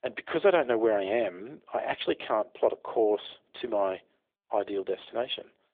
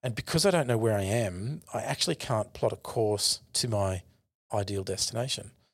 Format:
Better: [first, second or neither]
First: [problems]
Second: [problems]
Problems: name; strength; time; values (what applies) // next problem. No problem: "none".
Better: second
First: phone-call audio; nothing above 3.5 kHz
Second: none